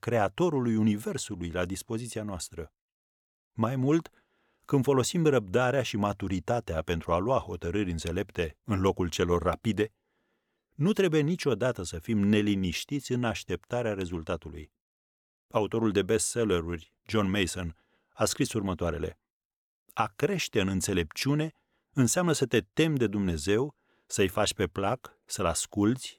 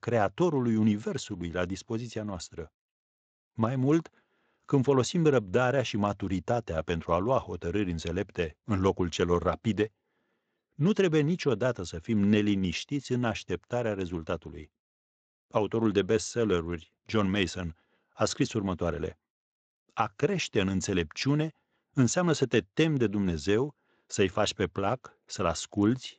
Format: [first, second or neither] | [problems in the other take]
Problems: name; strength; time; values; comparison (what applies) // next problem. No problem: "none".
first | garbled, watery; slightly; nothing above 7.5 kHz